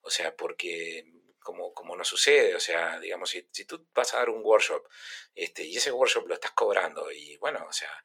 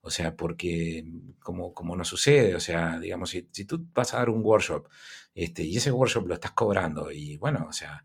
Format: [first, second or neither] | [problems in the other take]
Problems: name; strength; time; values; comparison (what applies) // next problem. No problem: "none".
second | thin; very; fading below 450 Hz